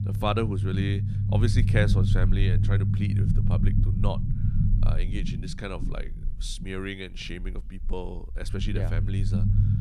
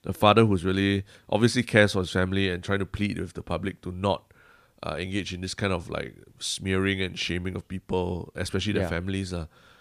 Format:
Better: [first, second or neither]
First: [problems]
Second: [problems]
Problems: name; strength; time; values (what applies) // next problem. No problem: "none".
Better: second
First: low rumble; loud; throughout; 4 dB below the speech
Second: none